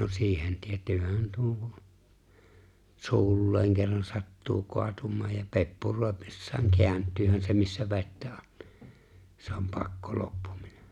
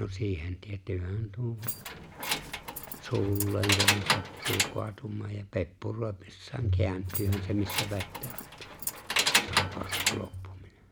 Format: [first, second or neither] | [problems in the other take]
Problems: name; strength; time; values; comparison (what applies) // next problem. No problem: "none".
first | background sound (Keys jangling); 1 dB above the speech